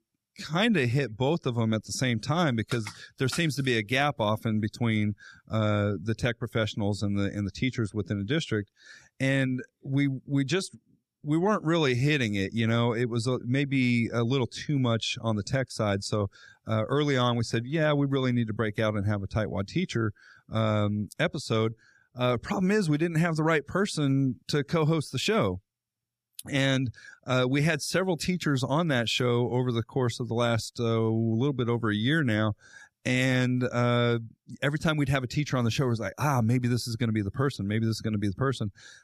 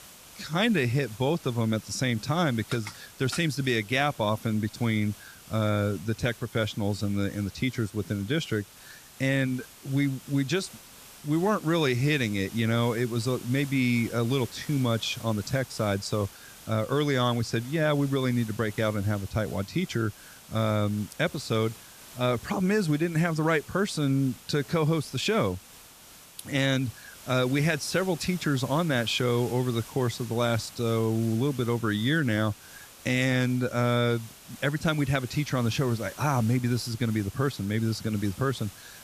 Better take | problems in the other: first | hiss; noticeable; throughout; 20 dB below the speech

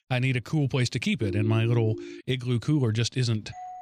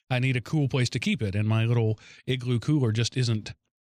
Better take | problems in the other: second | phone ringing; noticeable; from 1 to 2 s; peak 6 dB below the speech // doorbell; faint; at 3.5 s; peak 15 dB below the speech

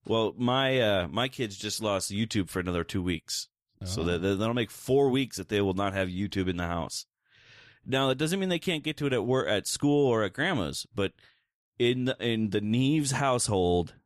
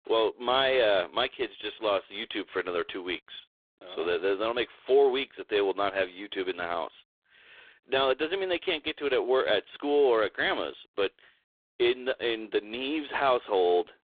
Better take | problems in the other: first | phone-call audio; poor line; nothing above 3.5 kHz

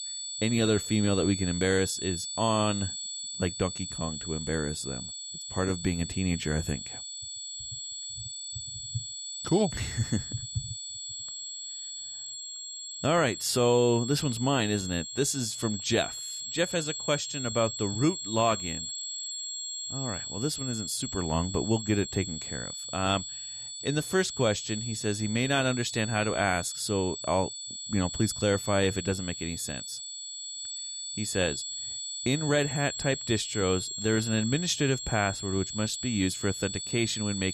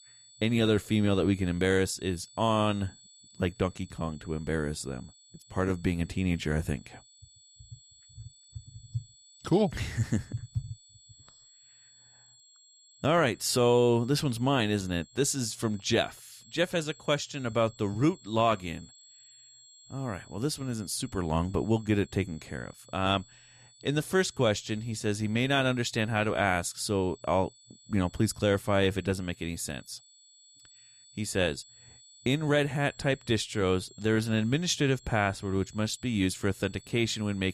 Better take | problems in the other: second | high-pitched whine; loud; throughout; 7.5 kHz, 6 dB below the speech; faint in the second

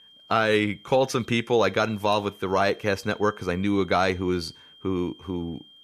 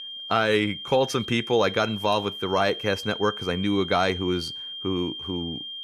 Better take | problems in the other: first | high-pitched whine; loud; throughout; 3 kHz, 8 dB below the speech; faint in the first

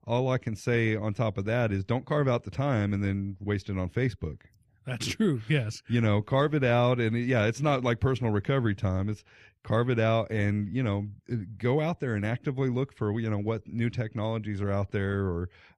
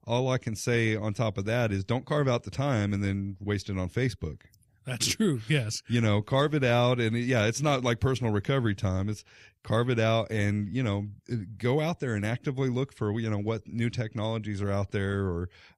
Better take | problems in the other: second | muffled; slightly; fading above 3.5 kHz

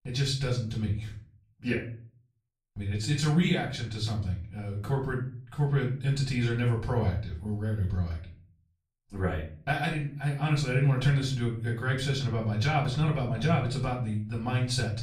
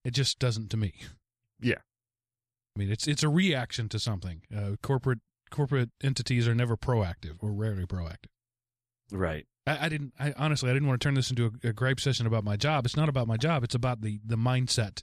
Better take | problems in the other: second | room echo; slight; dies away in 0.4 s // off-mic speech; far

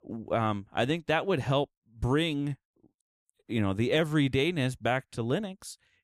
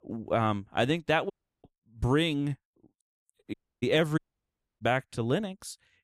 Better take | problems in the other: first | audio cutting out; at 1.5 s, at 3.5 s and at 4 s for 0.5 s

